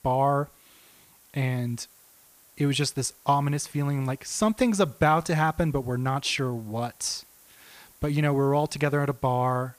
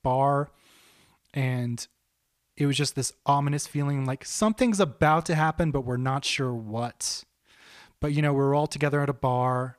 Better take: second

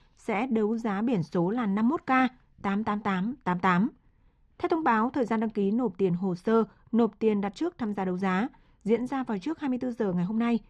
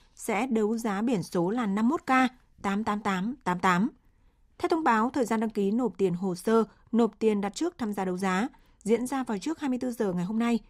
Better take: second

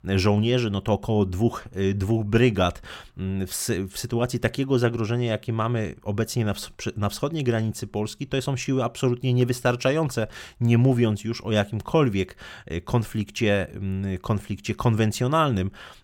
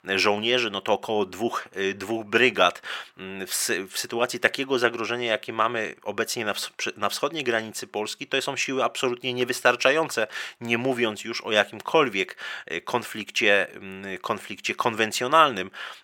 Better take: first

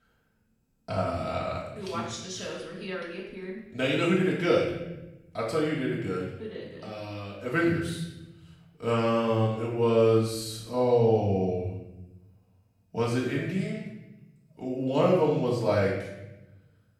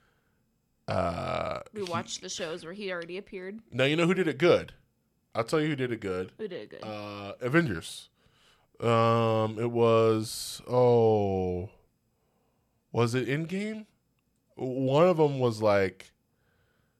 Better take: second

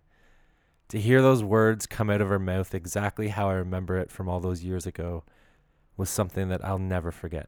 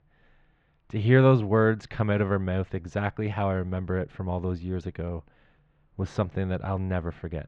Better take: first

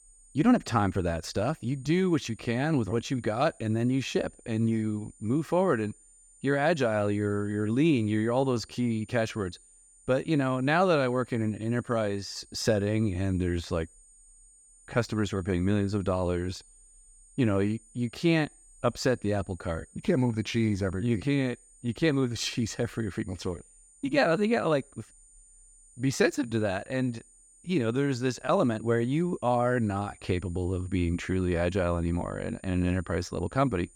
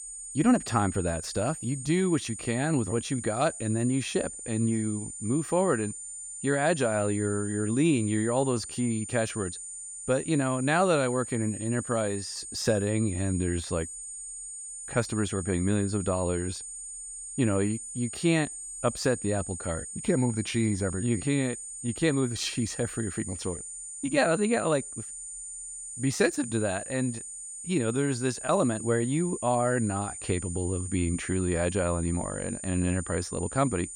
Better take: first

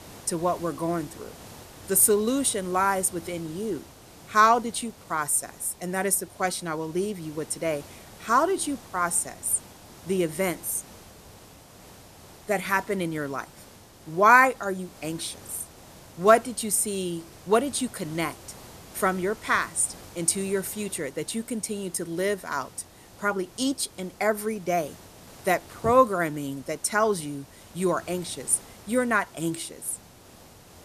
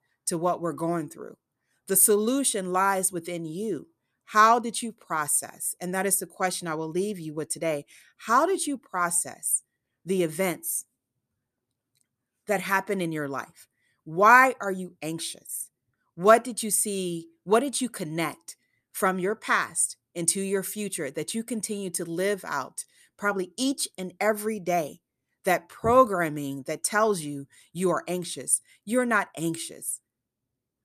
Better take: second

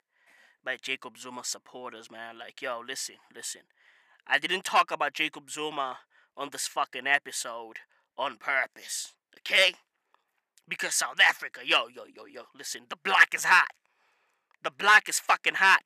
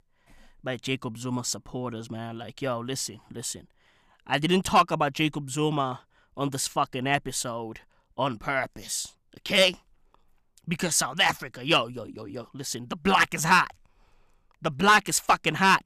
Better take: second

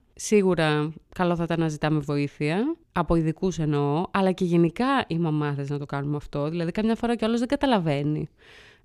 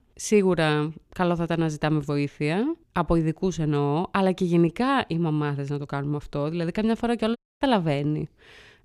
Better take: first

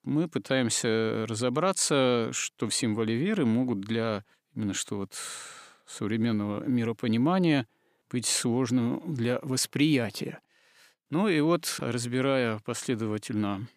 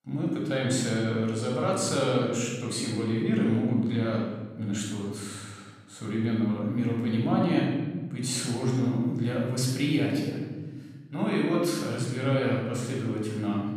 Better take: first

